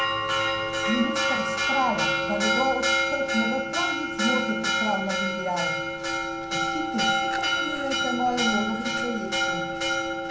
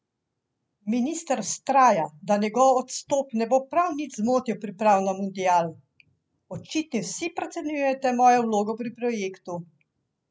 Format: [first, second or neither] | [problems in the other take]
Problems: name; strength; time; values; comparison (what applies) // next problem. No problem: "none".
second | background sound (Church bell); 4 dB above the speech // room echo; dies away in 0.5 s